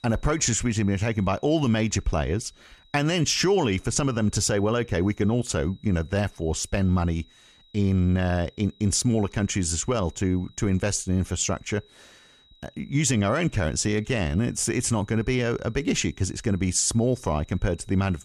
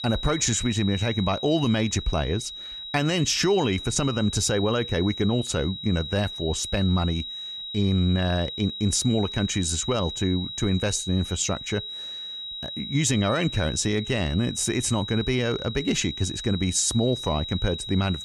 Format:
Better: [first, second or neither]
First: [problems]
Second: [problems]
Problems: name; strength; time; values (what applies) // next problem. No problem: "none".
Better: first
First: high-pitched whine; faint; throughout; 4 kHz, 30 dB below the speech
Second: high-pitched whine; loud; throughout; 4 kHz, 8 dB below the speech